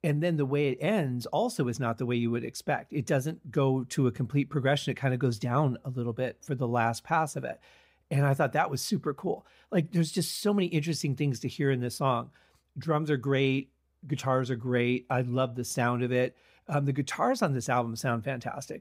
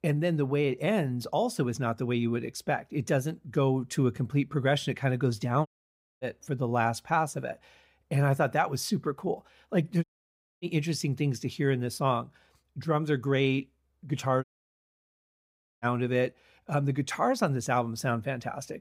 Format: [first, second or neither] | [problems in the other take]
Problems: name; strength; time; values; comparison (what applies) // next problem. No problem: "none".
first | audio cutting out; at 5.5 s for 0.5 s, at 10 s for 0.5 s and at 14 s for 1.5 s